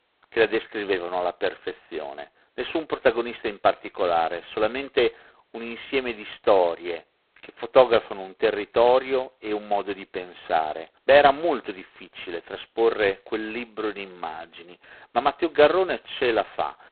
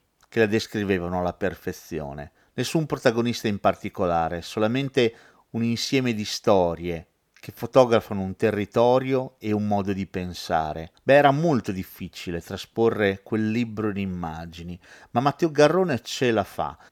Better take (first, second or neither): second